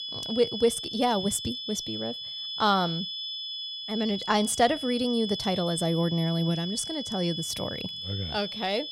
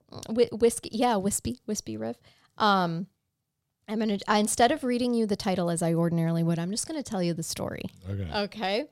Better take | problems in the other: second | high-pitched whine; loud; throughout; 3.5 kHz, 5 dB below the speech

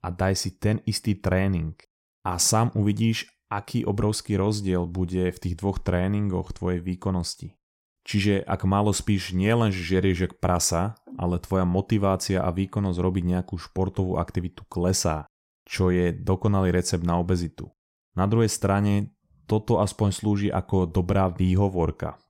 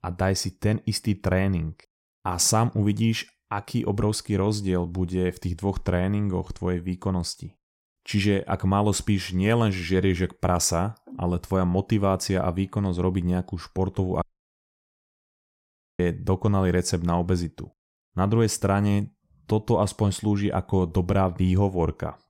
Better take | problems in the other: first | audio cutting out; at 14 s for 2 s

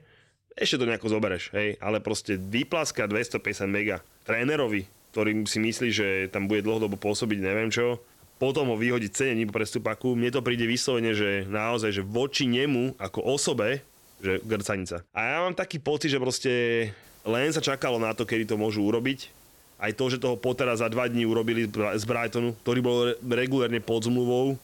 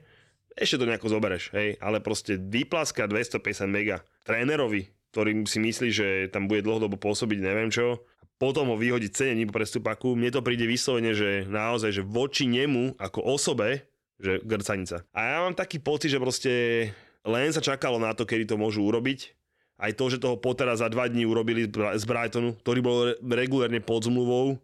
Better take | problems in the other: second | hiss; faint; from 2.5 to 15 s and from 17 s on; 25 dB below the speech

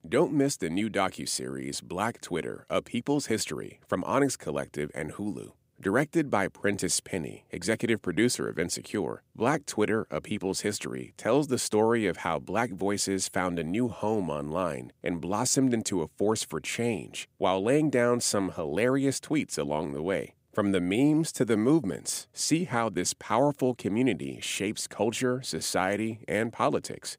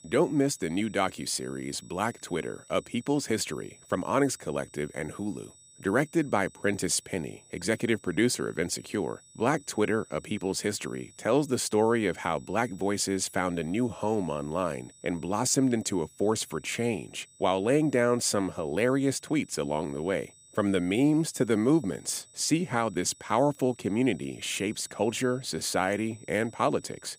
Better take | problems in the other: first | high-pitched whine; faint; throughout; 8 kHz, 25 dB below the speech

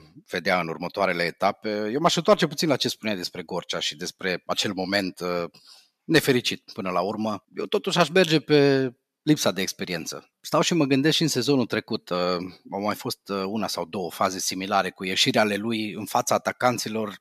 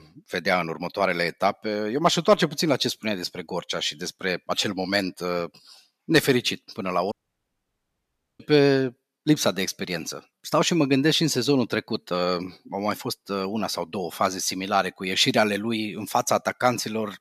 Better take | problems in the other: first | audio cutting out; at 7 s for 1.5 s

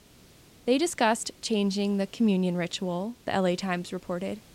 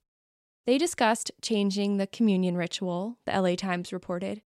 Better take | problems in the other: second | hiss; faint; throughout; 25 dB below the speech

